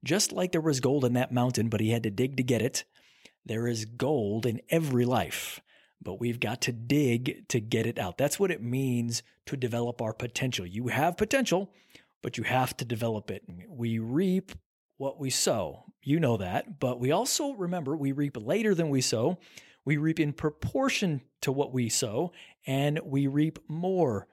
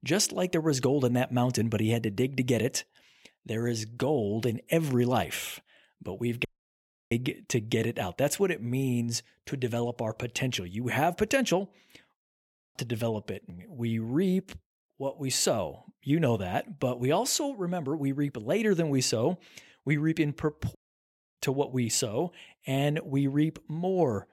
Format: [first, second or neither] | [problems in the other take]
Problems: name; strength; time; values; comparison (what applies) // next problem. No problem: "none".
first | audio cutting out; at 6.5 s for 0.5 s, at 12 s for 0.5 s and at 21 s for 0.5 s